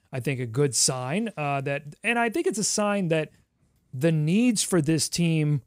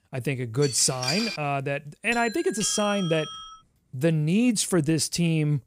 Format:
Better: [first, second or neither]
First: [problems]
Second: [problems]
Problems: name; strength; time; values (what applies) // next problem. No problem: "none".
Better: first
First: none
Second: clattering dishes; noticeable; at 0.5 s; peak 2 dB below the speech // doorbell; noticeable; from 2 to 3.5 s; peak 8 dB below the speech